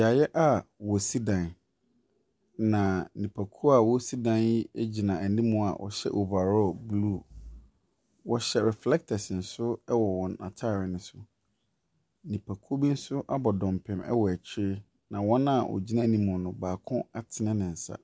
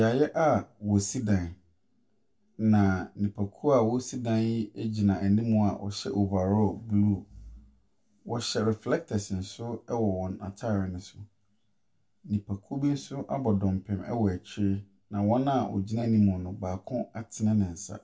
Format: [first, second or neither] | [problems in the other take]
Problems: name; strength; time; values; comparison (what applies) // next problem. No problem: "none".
first | room echo; dies away in 0.2 s